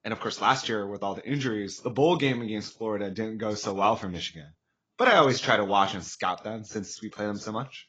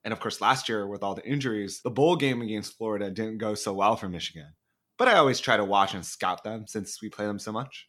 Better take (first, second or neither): second